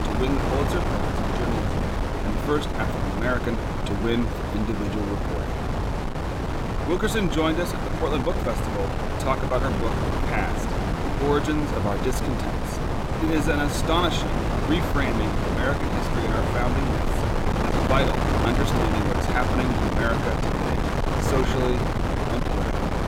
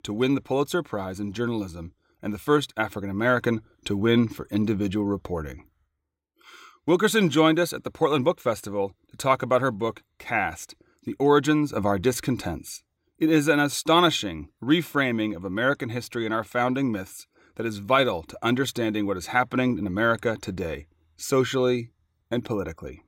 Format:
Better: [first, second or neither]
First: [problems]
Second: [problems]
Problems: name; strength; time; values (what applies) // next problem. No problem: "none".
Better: second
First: wind noise on the microphone; heavy; 1 dB above the speech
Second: none